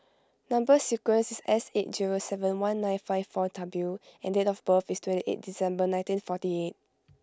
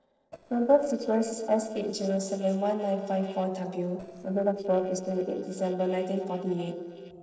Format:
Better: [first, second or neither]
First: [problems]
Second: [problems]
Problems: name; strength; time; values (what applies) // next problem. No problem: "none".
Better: first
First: none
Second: noise reduction (neural separator model SepFormer DNS4)